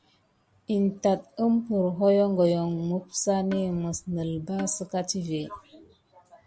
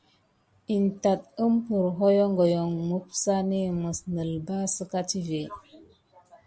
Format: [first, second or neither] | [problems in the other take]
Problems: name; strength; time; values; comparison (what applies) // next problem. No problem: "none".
second | background sound (Percussion); 17 dB below the speech